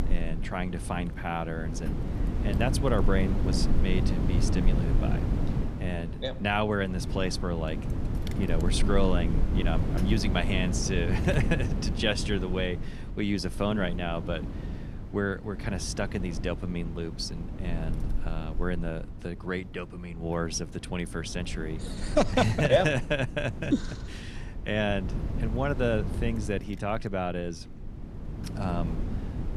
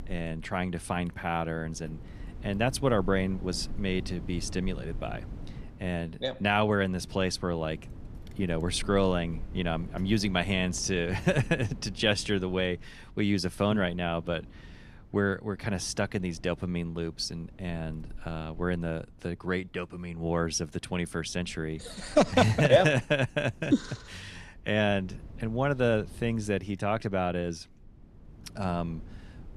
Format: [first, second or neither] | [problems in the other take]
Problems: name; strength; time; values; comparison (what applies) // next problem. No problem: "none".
second | wind noise on the microphone; heavy; 10 dB below the speech; occasional gusts in the second